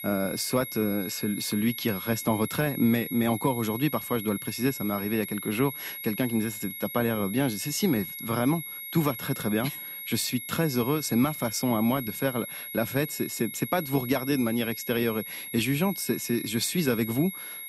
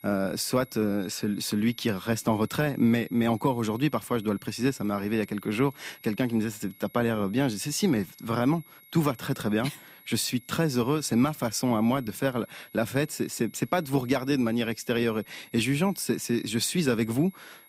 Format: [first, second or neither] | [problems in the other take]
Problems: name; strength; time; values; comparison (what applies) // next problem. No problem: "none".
second | high-pitched whine; loud; throughout; 11.5 kHz, 8 dB below the speech; faint in the second